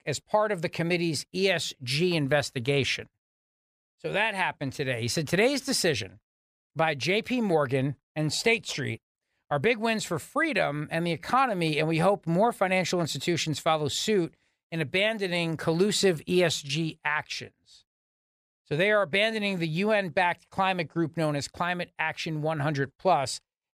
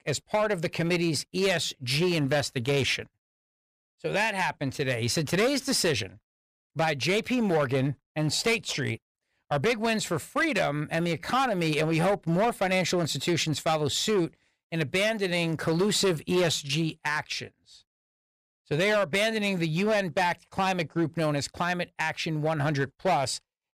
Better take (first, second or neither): first